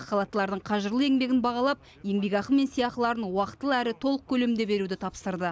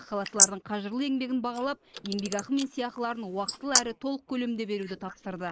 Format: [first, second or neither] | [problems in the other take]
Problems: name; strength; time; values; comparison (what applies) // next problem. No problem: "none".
first | noise reduction (neural mask model Resemble Enhance denoiser)